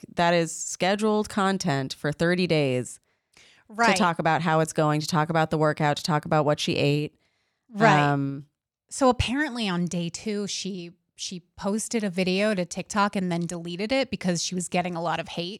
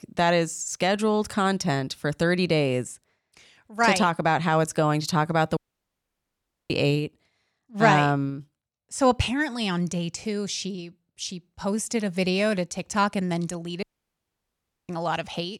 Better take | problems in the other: first | audio cutting out; at 5.5 s for 1 s and at 14 s for 1 s

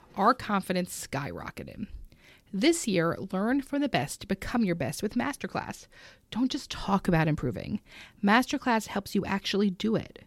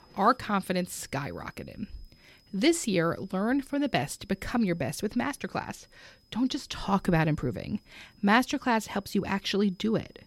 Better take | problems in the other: first | high-pitched whine; faint; throughout; 5 kHz, 35 dB below the speech

